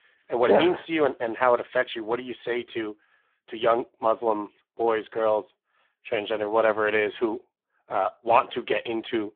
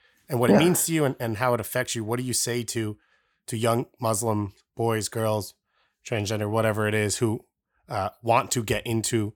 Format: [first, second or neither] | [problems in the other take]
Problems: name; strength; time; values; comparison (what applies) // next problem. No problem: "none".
second | phone-call audio; poor line